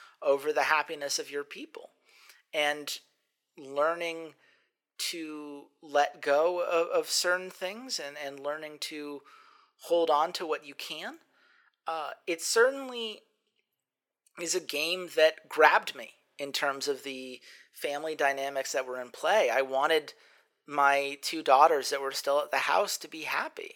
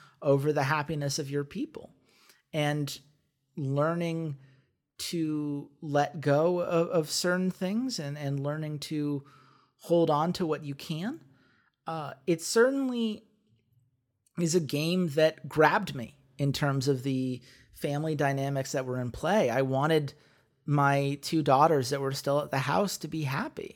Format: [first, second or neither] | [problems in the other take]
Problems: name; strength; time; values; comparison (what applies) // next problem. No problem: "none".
second | thin; very; fading below 500 Hz